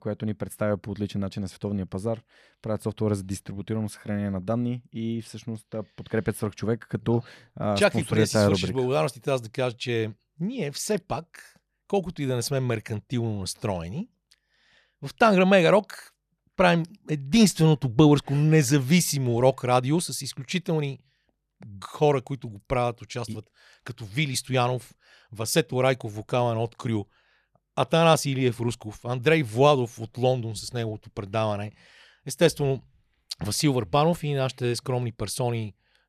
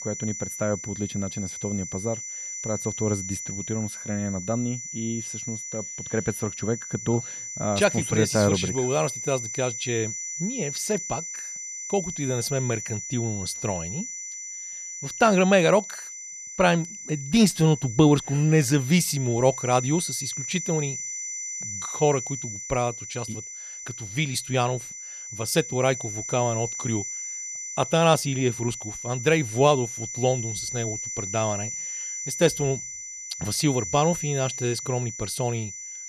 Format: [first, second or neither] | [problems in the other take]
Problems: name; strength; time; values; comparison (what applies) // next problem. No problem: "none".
first | high-pitched whine; loud; throughout; 6 kHz, 7 dB below the speech